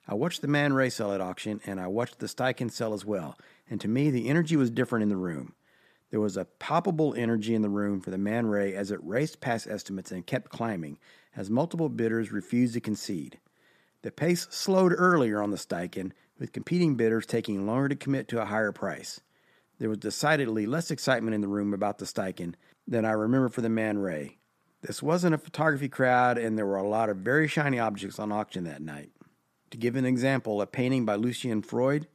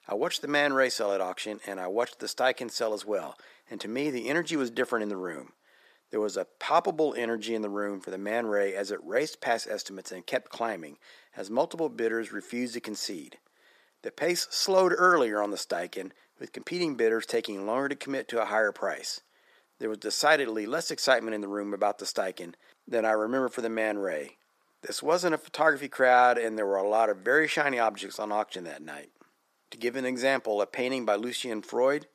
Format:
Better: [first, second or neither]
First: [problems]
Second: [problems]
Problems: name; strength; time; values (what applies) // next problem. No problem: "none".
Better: first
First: none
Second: thin; somewhat; fading below 500 Hz